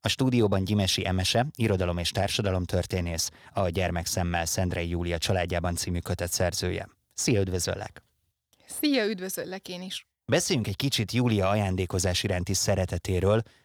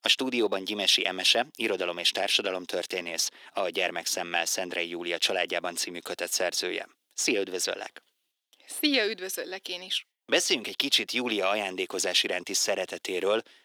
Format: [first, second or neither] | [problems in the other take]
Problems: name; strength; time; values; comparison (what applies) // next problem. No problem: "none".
first | thin; somewhat; fading below 300 Hz